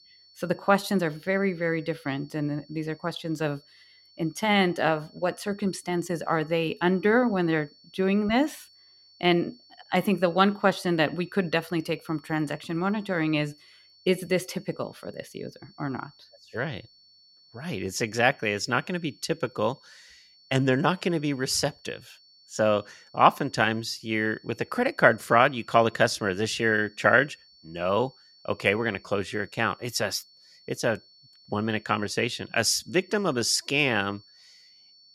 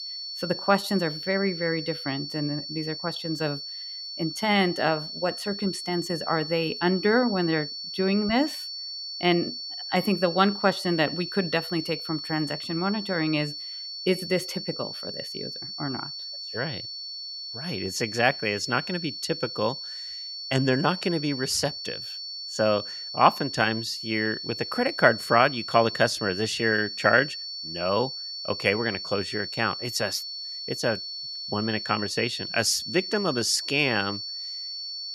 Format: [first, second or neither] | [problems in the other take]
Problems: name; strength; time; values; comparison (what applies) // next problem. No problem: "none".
first | high-pitched whine; loud; throughout; 4.5 kHz, 7 dB below the speech; faint in the first